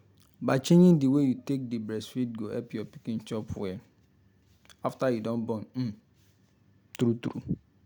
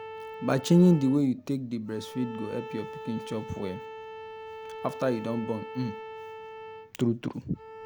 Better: first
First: none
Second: background sound (Bowed string instrument); 13 dB below the speech

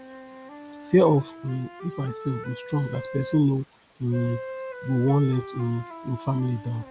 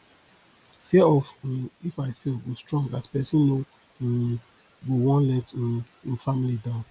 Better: second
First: background sound (Wind instrument, woodwind instrument); 13 dB below the speech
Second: none

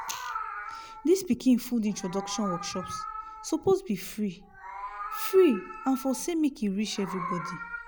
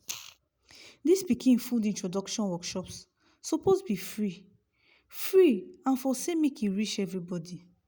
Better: second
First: background sound (Meow); 11 dB below the speech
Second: none

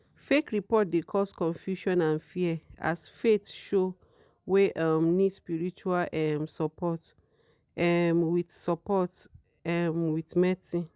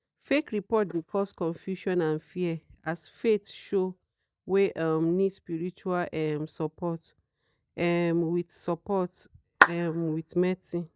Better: first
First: none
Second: noise reduction (neural mask model DeepFilterNet 3)

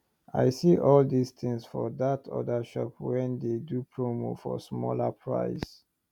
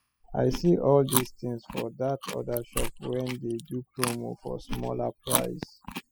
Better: first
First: none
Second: noise reduction (classical method spectral subtraction)

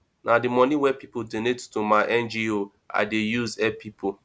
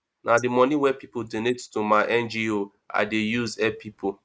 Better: first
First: none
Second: noise reduction (neural mask model Resemble Enhance denoiser)

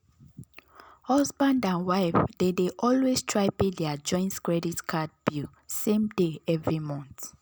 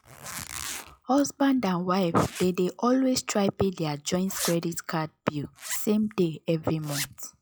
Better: first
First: none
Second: noise reduction (classical method log-MMSE)

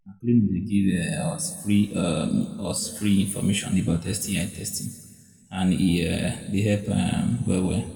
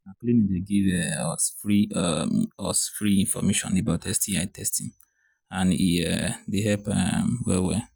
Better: second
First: room echo; dies away in 1.4 s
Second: none

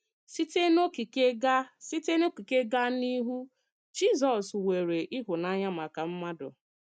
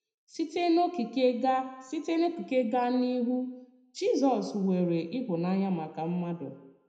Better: first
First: none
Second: room echo; dies away in 0.8 s

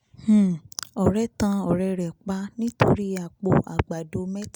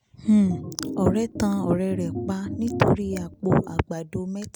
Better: first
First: none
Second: background sound (Organ); 9 dB below the speech

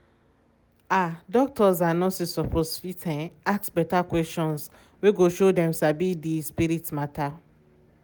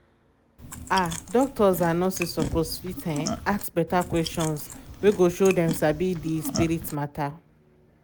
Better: first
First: none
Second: background sound (Chewing, mastication); 10 dB below the speech

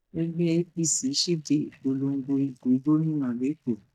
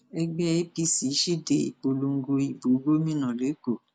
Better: second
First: noise reduction (neural mask model DeepFilterNet 3)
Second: none

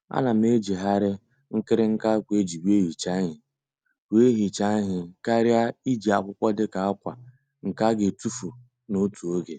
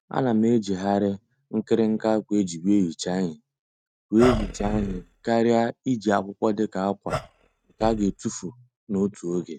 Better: first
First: none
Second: noise reduction (neural mask model RNNoise)

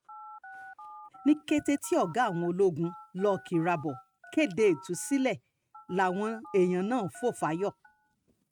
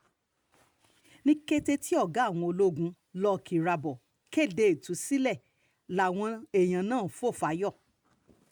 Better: second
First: noise reduction (neural mask model RNNoise)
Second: none

